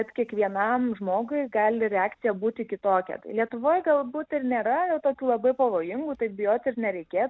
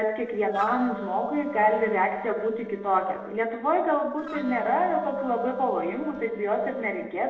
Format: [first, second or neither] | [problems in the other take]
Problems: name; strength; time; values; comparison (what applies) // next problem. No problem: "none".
first | noise reduction (neural separator model SepFormer DNS4)